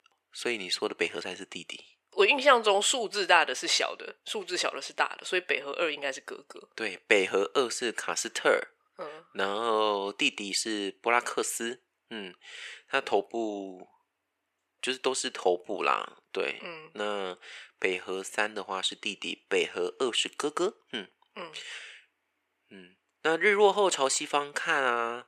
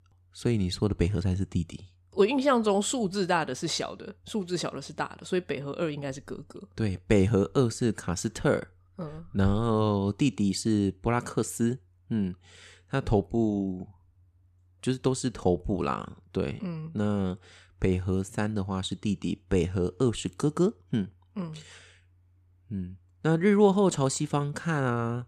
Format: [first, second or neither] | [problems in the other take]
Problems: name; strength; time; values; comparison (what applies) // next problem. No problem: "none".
second | thin; very; fading below 450 Hz